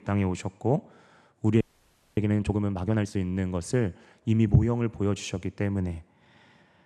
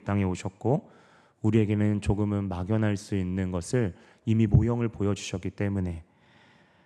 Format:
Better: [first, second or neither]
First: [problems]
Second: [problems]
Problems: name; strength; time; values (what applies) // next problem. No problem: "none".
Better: second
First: audio freezing; at 1.5 s for 0.5 s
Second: none